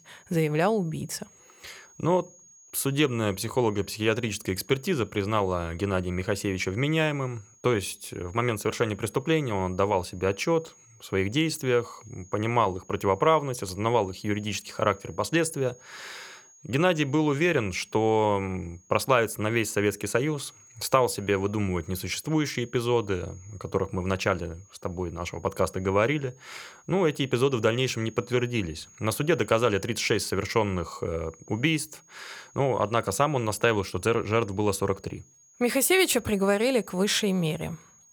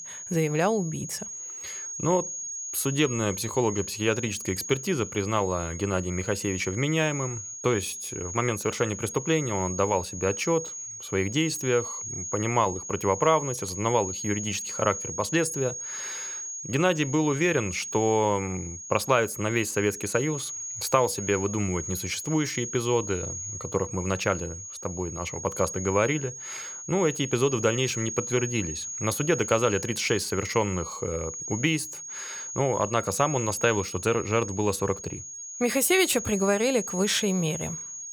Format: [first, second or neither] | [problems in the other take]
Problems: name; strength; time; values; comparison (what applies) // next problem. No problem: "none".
first | high-pitched whine; loud; throughout; 6.5 kHz, 7 dB below the speech; faint in the first